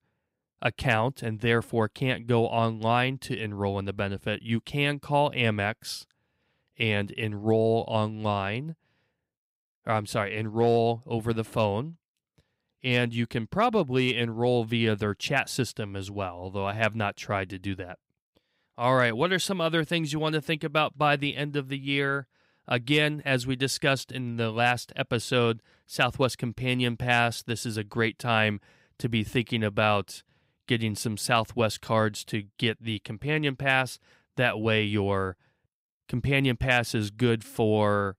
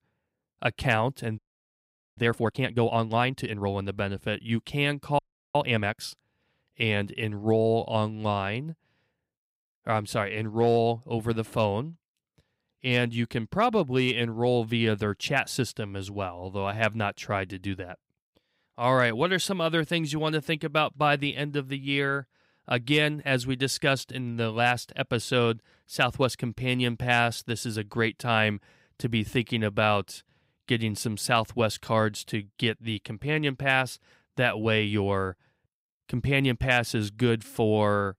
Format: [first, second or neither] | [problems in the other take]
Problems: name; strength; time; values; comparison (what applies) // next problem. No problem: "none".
first | audio freezing; at 1.5 s for 1 s and at 5 s